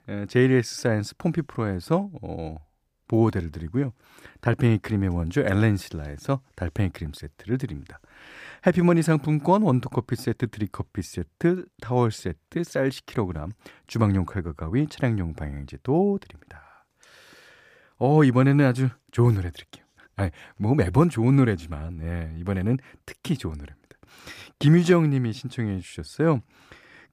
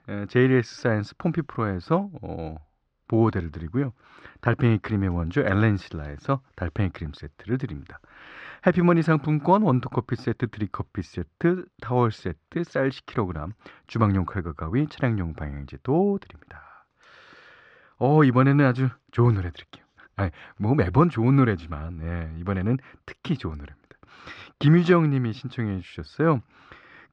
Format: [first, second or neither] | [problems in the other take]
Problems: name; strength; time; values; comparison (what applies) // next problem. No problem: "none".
first | muffled; slightly; fading above 4.5 kHz